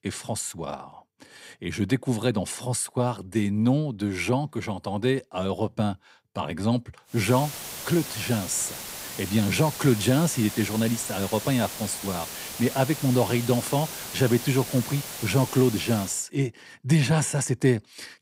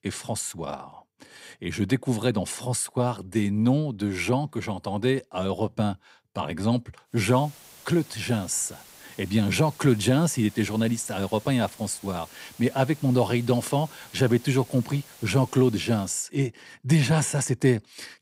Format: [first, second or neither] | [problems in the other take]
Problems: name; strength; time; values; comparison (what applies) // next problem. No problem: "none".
second | hiss; loud; from 7 to 16 s; 9 dB below the speech; faint in the second